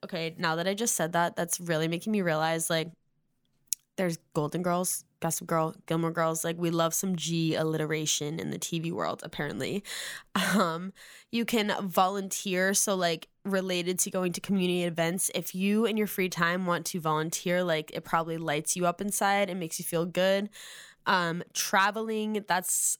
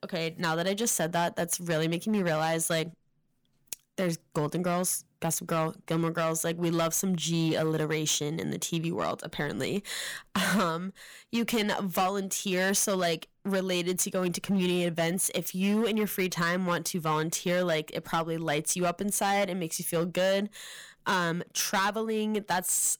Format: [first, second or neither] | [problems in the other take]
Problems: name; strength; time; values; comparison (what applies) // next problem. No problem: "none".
first | distortion; slight; 8% of the sound clipped